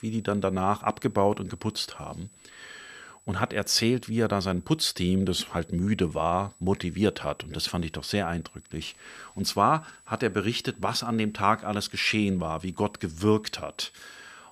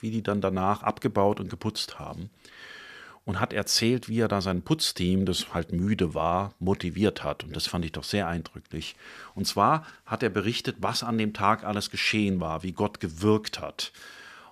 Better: second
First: high-pitched whine; faint; throughout; 8 kHz, 25 dB below the speech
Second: none

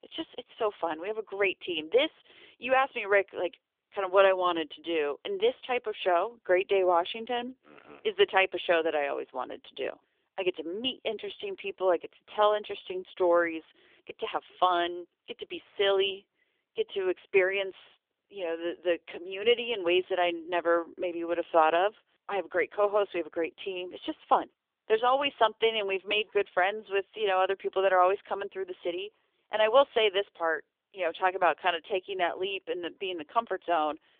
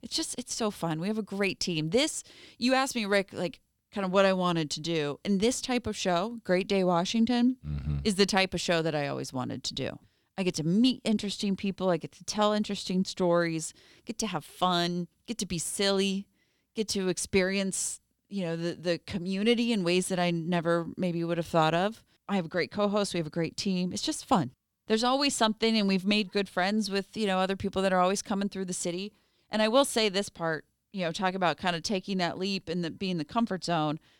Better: second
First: phone-call audio; nothing above 3.5 kHz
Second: none

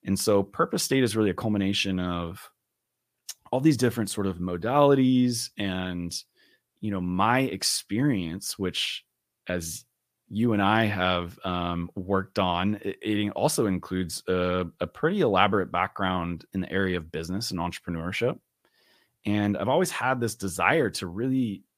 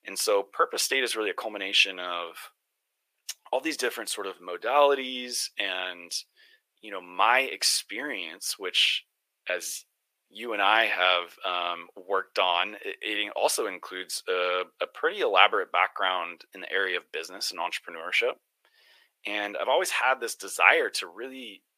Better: first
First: none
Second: thin; very; fading below 450 Hz

